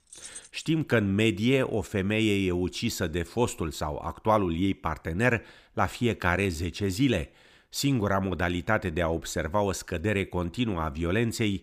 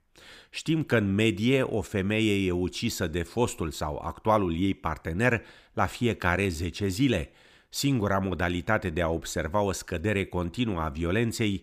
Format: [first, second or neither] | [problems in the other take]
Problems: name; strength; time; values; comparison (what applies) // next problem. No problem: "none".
second | jangling keys; faint; at the start; peak 15 dB below the speech